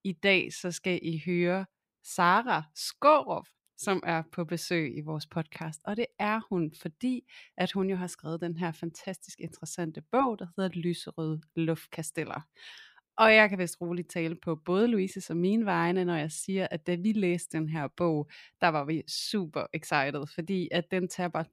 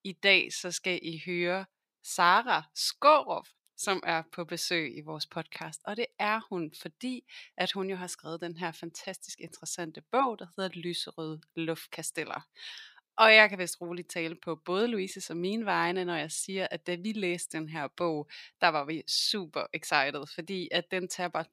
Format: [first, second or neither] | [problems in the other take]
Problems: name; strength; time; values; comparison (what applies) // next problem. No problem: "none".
first | thin; very slightly; fading below 1 kHz